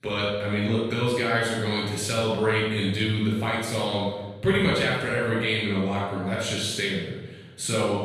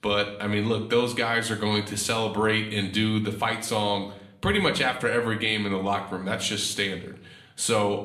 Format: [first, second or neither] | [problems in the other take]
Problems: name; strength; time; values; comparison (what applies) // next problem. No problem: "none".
second | room echo; strong; dies away in 1.1 s; slight in the second // off-mic speech; far; somewhat distant in the second